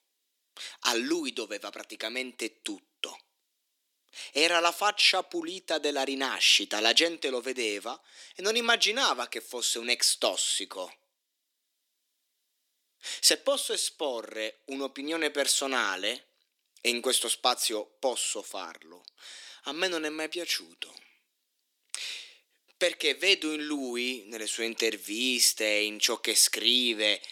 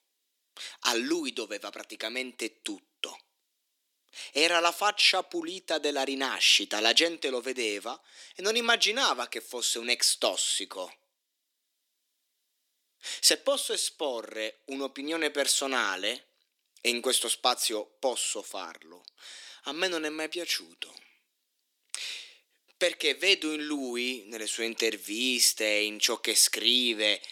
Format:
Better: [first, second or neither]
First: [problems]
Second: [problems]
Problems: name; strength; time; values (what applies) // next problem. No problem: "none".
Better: neither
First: thin; somewhat; fading below 300 Hz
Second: thin; somewhat; fading below 300 Hz